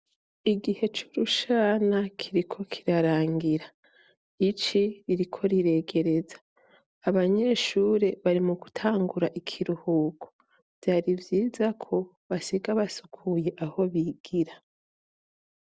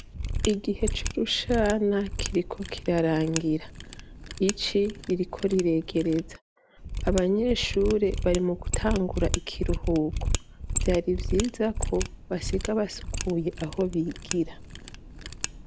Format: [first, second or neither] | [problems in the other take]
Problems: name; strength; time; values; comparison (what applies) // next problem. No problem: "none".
first | background sound (Mechanisms); 5 dB below the speech